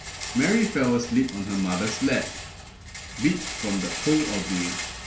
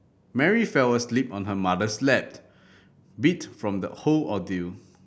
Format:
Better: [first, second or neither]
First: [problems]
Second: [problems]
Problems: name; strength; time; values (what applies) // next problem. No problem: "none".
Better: second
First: background sound (Rattle); 8 dB below the speech // room echo; dies away in 0.3 s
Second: none